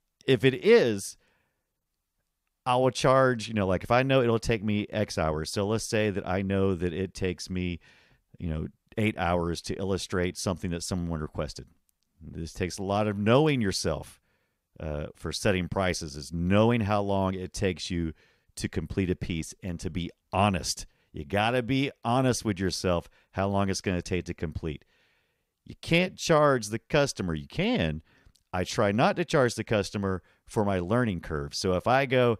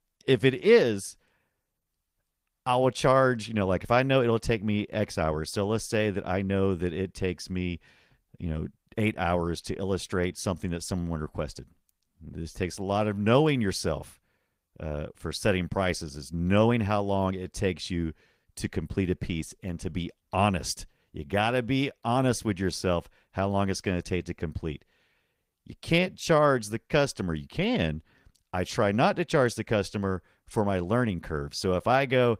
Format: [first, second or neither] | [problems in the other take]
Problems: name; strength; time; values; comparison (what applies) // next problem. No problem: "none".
first | garbled, watery; slightly; nothing above 15.5 kHz